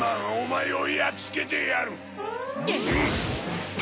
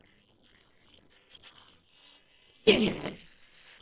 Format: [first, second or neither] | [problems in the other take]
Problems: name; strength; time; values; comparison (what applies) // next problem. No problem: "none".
first | noise reduction (neural separator model SepFormer WHAM!)